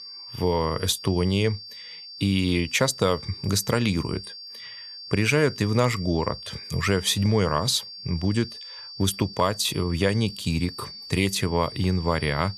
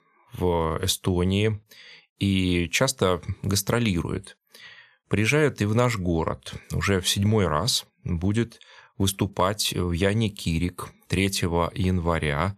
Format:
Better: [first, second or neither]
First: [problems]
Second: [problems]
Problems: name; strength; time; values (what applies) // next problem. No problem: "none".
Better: second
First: high-pitched whine; noticeable; throughout; 4.5 kHz, 15 dB below the speech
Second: none